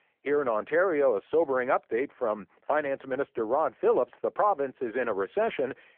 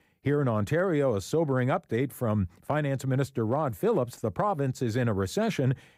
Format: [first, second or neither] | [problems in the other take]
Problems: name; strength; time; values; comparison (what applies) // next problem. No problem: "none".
second | phone-call audio; poor line